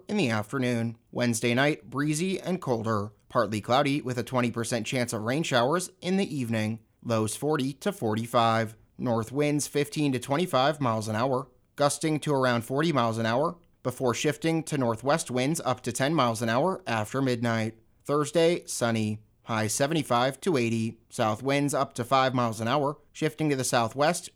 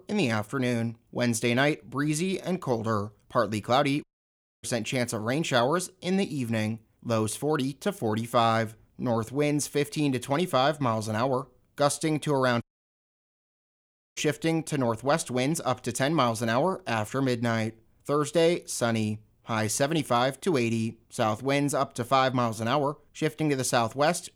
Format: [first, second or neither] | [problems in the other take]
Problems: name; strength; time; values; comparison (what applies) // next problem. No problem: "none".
first | audio cutting out; at 4 s for 0.5 s and at 13 s for 1.5 s